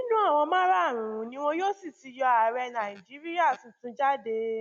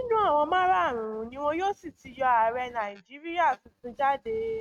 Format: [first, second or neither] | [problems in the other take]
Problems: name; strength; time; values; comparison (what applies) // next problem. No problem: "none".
first | noise reduction (neural mask model RNNoise)